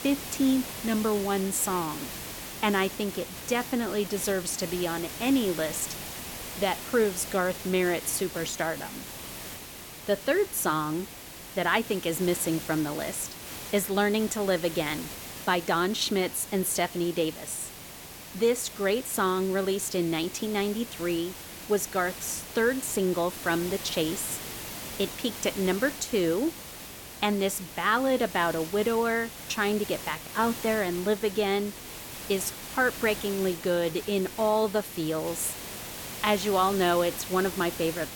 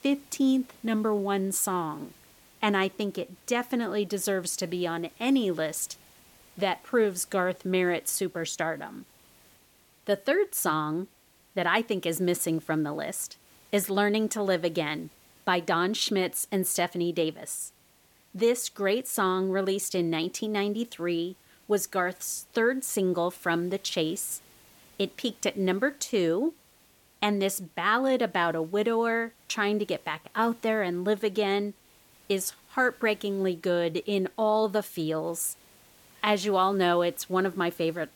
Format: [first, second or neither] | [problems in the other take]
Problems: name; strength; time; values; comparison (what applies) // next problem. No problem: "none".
second | hiss; loud; throughout; 10 dB below the speech; faint in the second